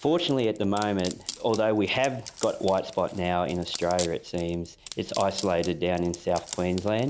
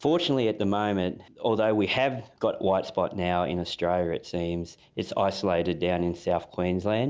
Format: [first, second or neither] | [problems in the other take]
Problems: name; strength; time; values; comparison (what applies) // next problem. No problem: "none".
second | background sound (Wood); 15 dB below the speech